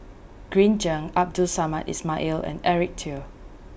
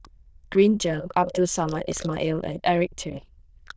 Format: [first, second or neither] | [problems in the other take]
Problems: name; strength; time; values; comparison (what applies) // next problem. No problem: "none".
first | noise reduction (neural diffusion model UNIVERSE++)